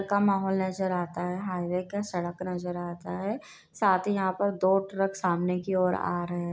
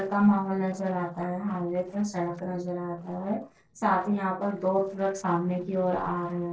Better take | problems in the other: first | noise reduction (neural separator model SepFormer DNS4)

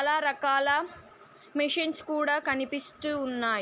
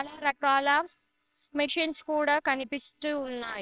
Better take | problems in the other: first | noise reduction (neural separator model SepFormer WHAMR!)

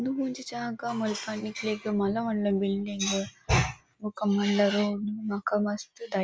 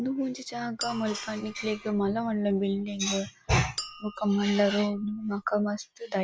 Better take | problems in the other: first | background sound (Chink, clink); 16 dB below the speech

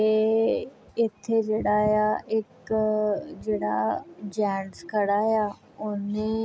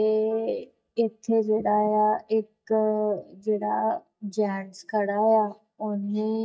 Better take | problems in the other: first | noise reduction (neural mask model DeepFilterNet 3)

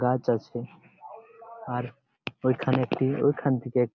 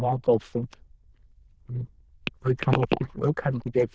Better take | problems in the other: first | noise reduction (neural diffusion model UNIVERSE++)

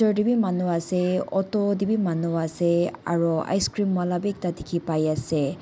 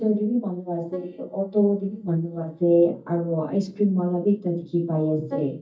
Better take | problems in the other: first | noise reduction (neural mask model DeepFilterNet 3)

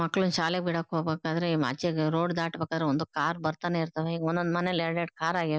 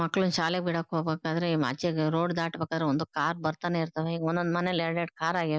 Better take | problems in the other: first | noise reduction (neural mask model Resemble Enhance denoiser)

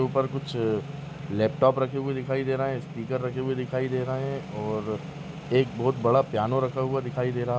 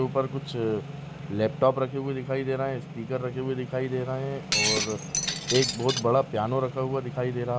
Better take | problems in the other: first | background sound (Shatter); 1 dB below the speech

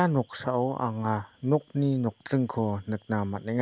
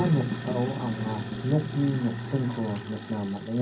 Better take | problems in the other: first | background sound (Sink (filling or washing)); 6 dB below the speech // room echo; dies away in 0.4 s

